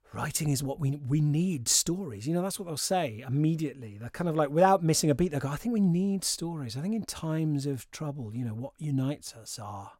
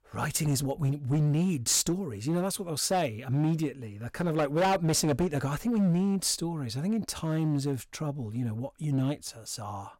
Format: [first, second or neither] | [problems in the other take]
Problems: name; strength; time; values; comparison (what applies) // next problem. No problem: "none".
first | distortion; slight; 8% of the sound clipped